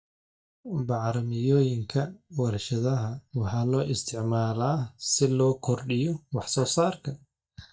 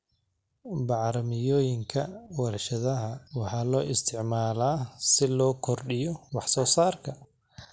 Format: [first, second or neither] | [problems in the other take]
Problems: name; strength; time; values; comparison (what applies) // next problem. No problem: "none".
second | noise reduction (neural mask model DeepFilterNet 3)